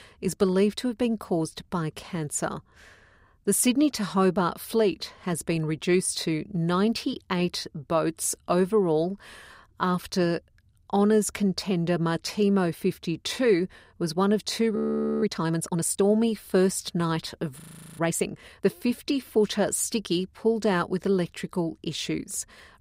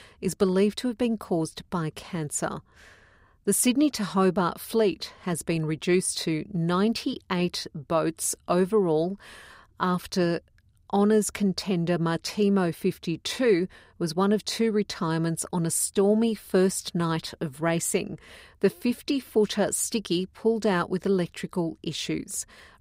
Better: second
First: audio freezing; at 15 s and at 18 s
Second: none

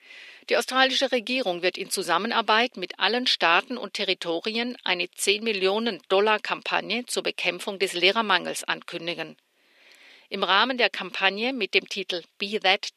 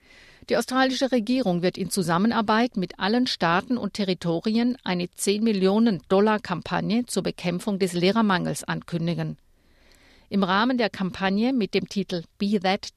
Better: second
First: thin; somewhat; fading below 350 Hz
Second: none

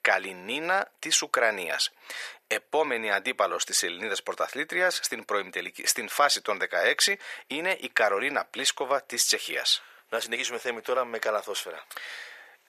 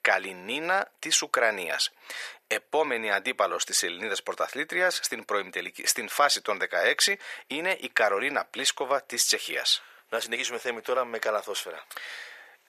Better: neither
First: thin; very; fading below 550 Hz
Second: thin; very; fading below 550 Hz

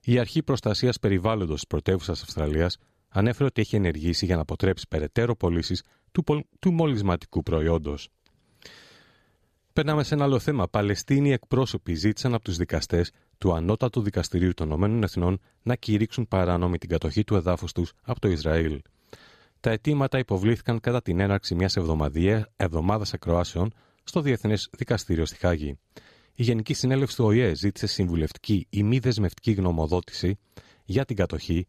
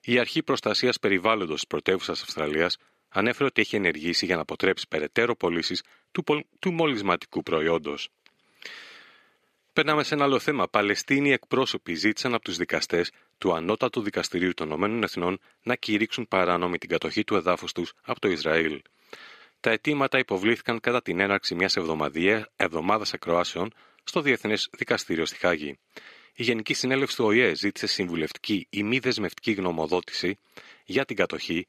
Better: first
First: none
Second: thin; somewhat; fading below 300 Hz

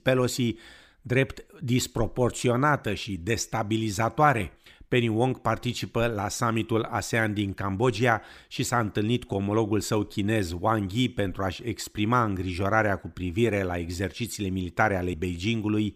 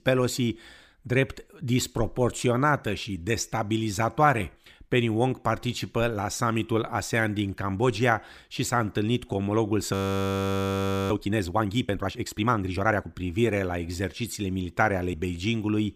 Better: first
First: none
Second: audio freezing; at 10 s for 1 s

